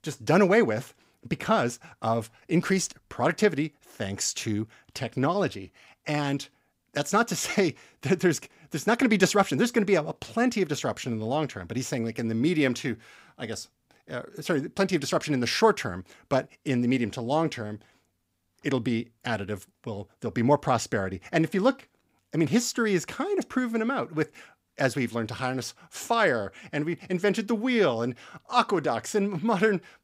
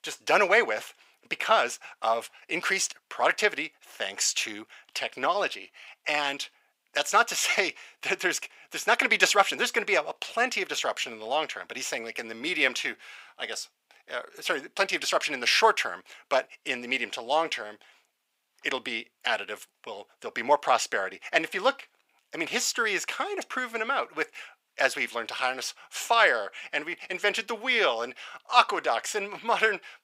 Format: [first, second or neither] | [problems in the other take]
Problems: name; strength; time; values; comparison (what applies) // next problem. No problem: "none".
first | thin; very; fading below 700 Hz